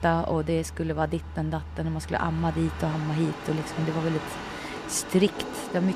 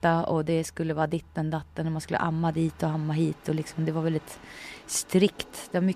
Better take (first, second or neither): second